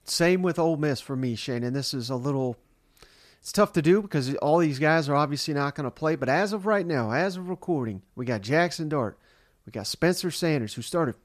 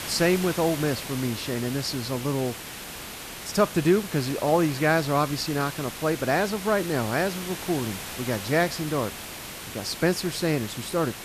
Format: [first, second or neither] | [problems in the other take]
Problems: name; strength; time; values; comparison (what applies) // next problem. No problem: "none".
first | hiss; loud; throughout; 9 dB below the speech